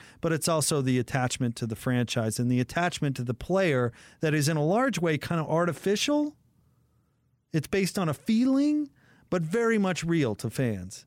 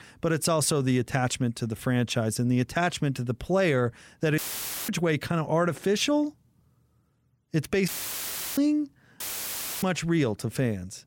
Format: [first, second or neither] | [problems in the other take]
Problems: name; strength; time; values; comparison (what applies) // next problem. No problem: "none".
first | audio cutting out; filled with static; at 4.5 s for 0.5 s, at 8 s for 0.5 s and at 9 s for 0.5 s